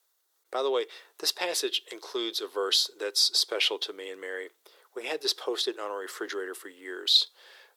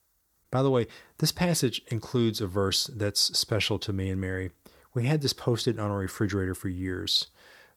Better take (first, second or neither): second